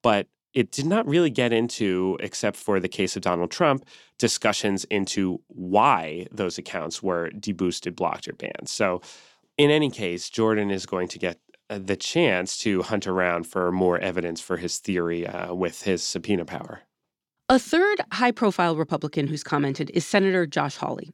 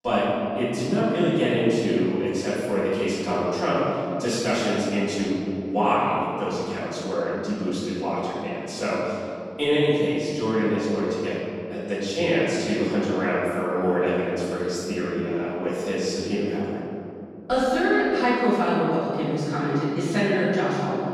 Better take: first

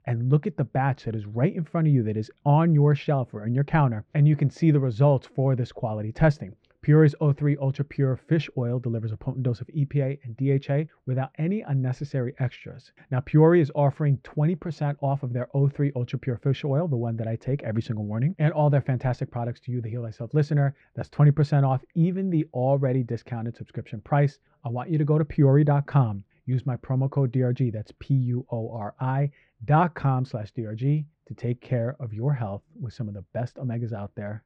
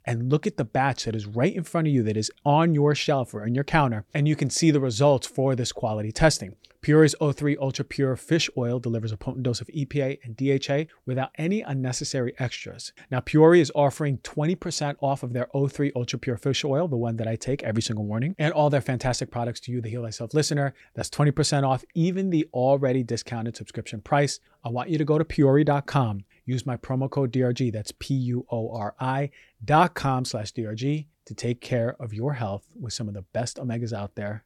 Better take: second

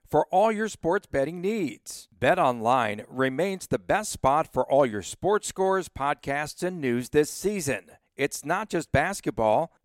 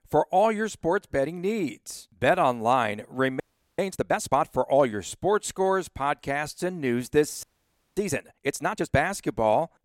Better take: first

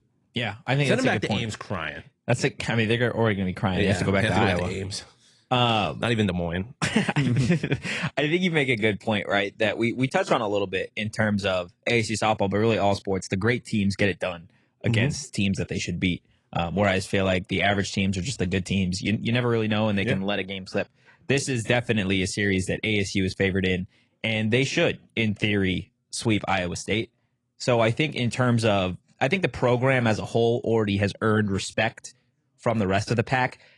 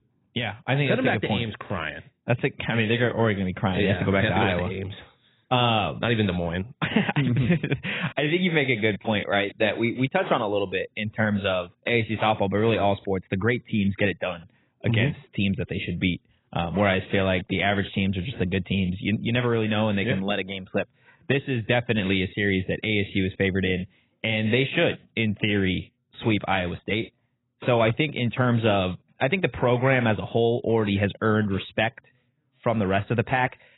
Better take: first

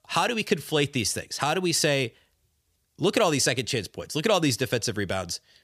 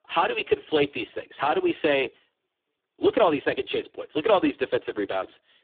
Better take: first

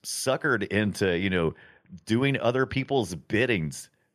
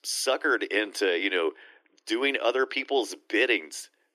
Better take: first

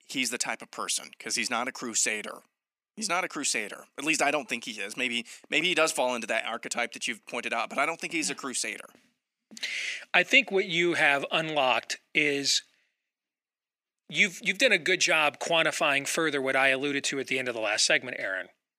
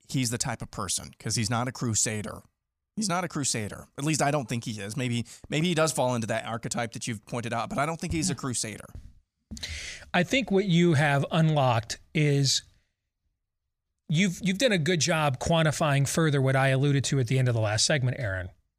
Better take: second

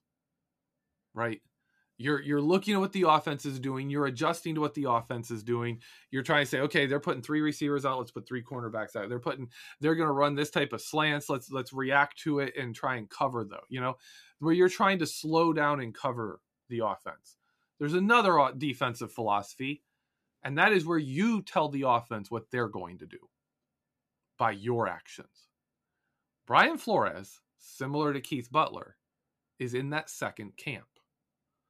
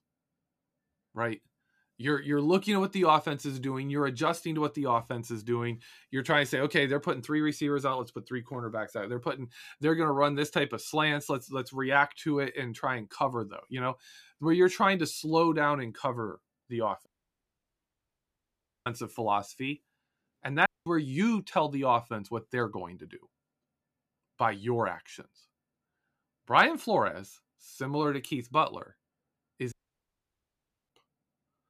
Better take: first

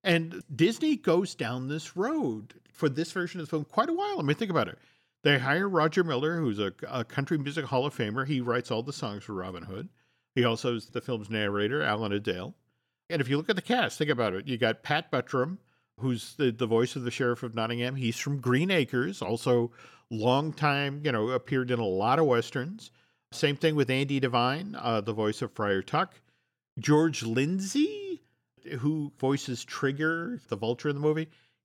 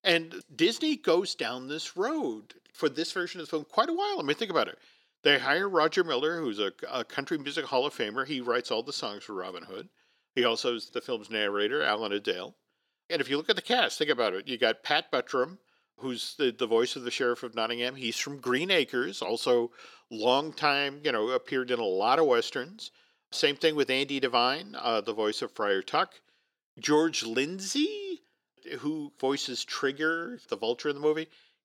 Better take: first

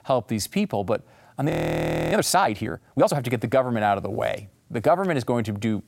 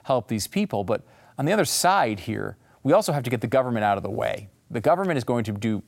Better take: second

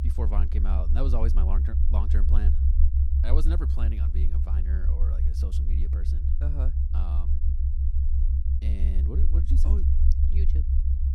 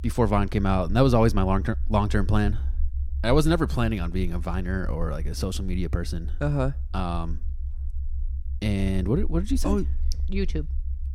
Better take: second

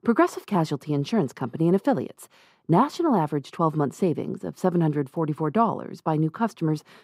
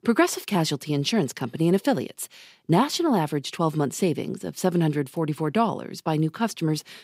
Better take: second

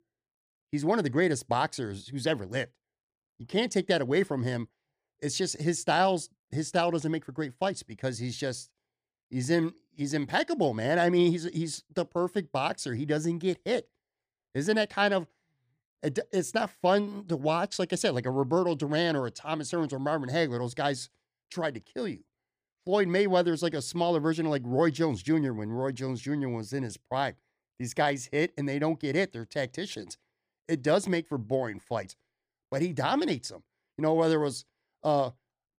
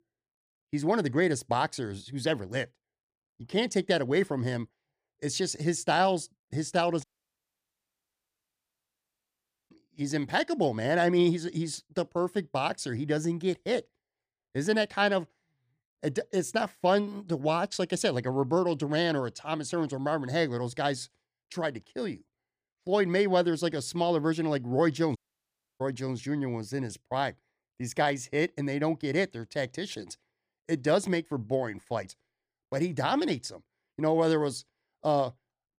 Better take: first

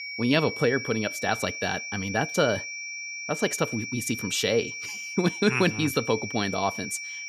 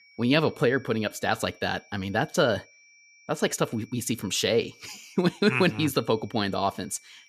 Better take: second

